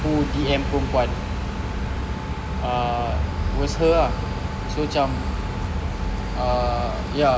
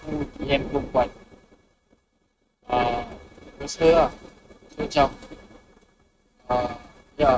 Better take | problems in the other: first | noise reduction (neural mask model RNNoise)

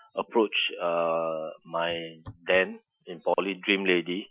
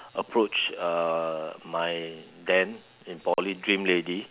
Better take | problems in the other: second | noise reduction (classical method Wiener filter)

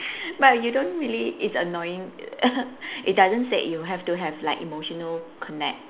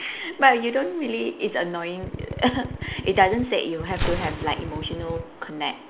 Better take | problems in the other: first | background sound (Gunshot, gunfire + Drill); 9 dB below the speech

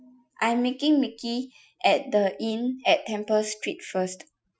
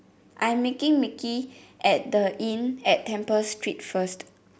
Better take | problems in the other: second | noise reduction (classical method Wiener filter)

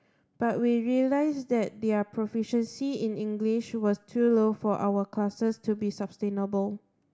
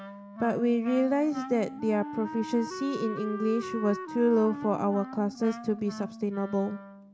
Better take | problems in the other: first | background sound (Wind instrument, woodwind instrument); 11 dB below the speech

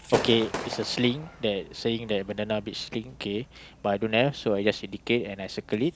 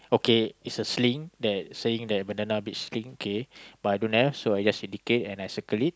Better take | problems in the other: second | background sound (Gunshot, gunfire / Fireworks); 13 dB below the speech

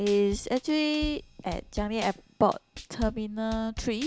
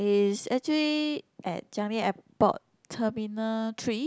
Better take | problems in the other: second | background sound (Drum kit); 12 dB below the speech

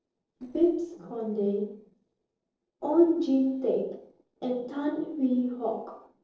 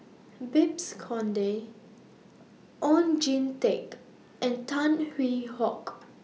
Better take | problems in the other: second | noise reduction (neural separator model SepFormer DNS4)

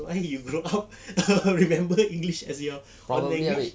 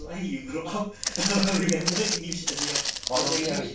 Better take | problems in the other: first | background sound (Walk, footsteps); 1 dB below the speech // room echo; dies away in 0.3 s

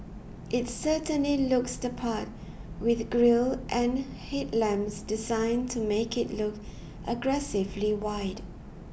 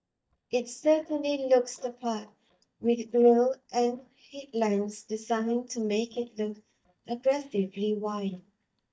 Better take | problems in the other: first | noise reduction (neural mask model DeepFilterNet 3)

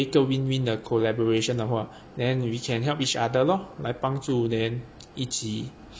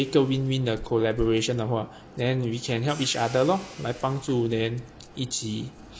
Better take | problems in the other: first | background sound (Rattle + Hi-hat); 18 dB below the speech

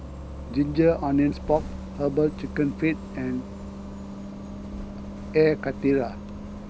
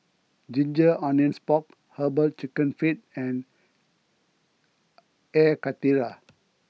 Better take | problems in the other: second | background sound (Bus); 10 dB below the speech

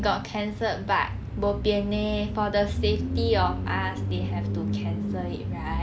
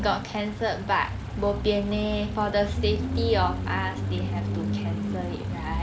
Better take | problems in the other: first | background sound (Chatter / Stream); 19 dB below the speech

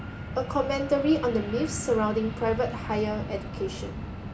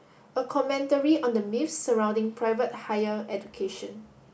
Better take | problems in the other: second | background sound (Fixed-wing aircraft, airplane); 8 dB below the speech

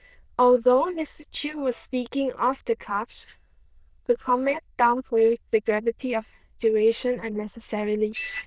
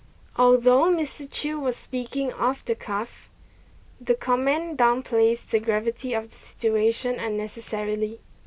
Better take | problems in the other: second | noise reduction (neural diffusion model UNIVERSE++)

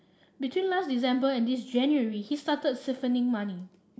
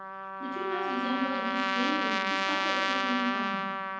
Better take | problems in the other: first | background sound (Trumpet); 4 dB above the speech // room echo; dies away in 1 s

